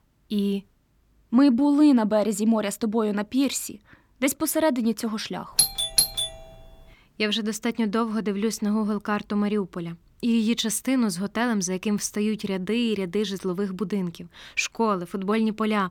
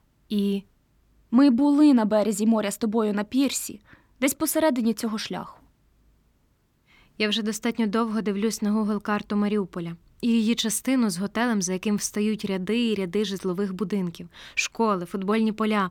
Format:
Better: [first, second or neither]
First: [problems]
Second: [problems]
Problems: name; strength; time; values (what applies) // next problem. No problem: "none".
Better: second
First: doorbell; loud; at 5.5 s; peak 4 dB above the speech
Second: none